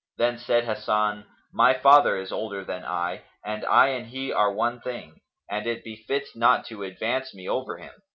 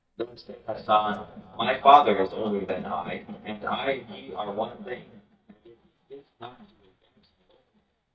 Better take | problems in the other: first | noise reduction (neural mask model DeepFilterNet 3)

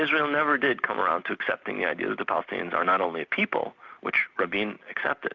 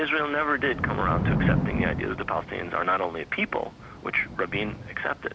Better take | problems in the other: first | background sound (Thunder / Rain); 3 dB below the speech

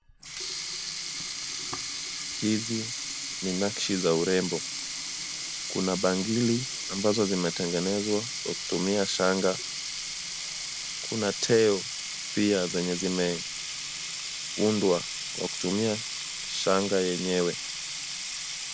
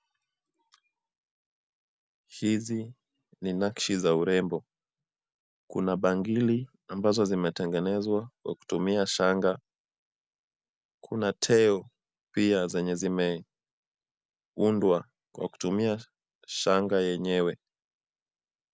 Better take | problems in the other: second | background sound (Sink (filling or washing)); 5 dB below the speech

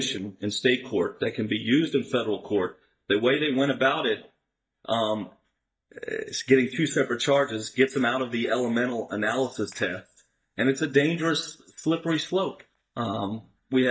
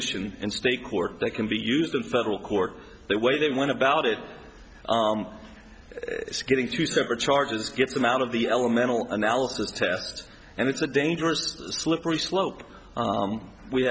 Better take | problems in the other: second | noise reduction (neural mask model DeepFilterNet 3)

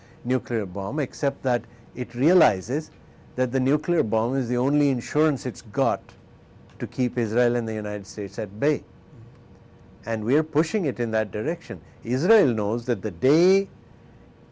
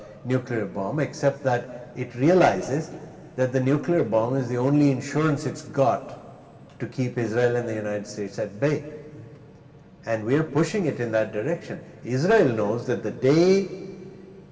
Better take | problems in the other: first | room echo; dies away in 2.5 s

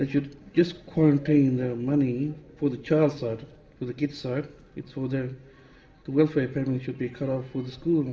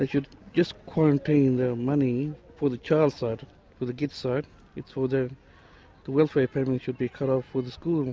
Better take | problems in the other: second | room echo; dies away in 1.3 s

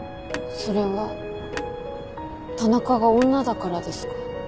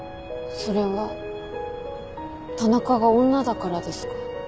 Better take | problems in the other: second | background sound (Telephone + Thunder); 16 dB below the speech

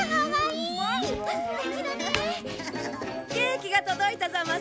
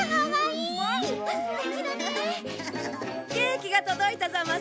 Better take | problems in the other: second | background sound (Crack); 16 dB below the speech

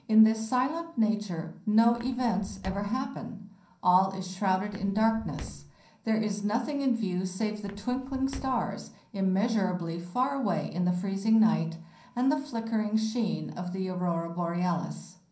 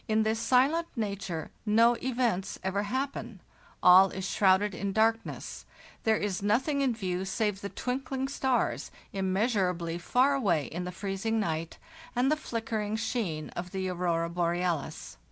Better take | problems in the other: second | background sound (Walk, footsteps); 16 dB below the speech // room echo; dies away in 0.6 s

